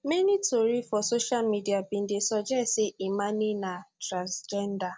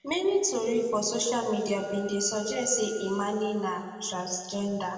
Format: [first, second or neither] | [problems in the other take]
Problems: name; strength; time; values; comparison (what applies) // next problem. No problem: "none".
first | background sound (Wind instrument, woodwind instrument); 19 dB below the speech // room echo; dies away in 2 s